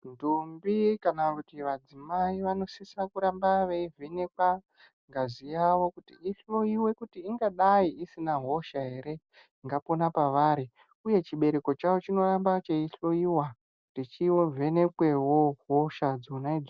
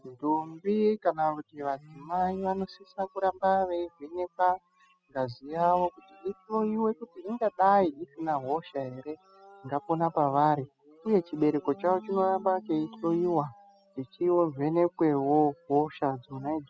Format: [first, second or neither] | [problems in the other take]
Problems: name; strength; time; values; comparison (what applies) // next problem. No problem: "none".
first | noise reduction (classical method spectral subtraction)